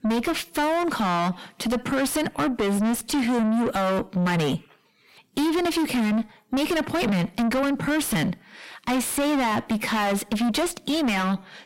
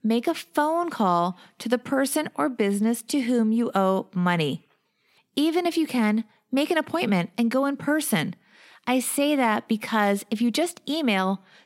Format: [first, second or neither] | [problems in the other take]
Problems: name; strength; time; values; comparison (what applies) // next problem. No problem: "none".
second | distortion; heavy; 4 dB below the speech